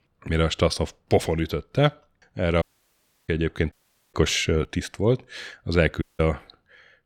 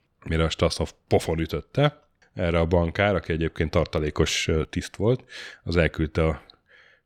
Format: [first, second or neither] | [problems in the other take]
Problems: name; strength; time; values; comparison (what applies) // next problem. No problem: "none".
second | audio cutting out; at 2.5 s for 0.5 s, at 3.5 s and at 6 s